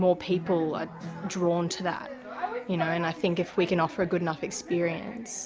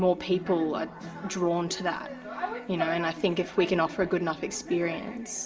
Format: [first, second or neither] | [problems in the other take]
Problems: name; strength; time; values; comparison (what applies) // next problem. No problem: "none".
first | room echo; dies away in 0.4 s